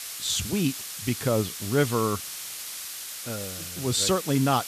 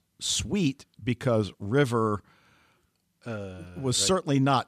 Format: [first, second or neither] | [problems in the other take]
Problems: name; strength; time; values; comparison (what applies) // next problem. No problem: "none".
second | hiss; loud; throughout; 7 dB below the speech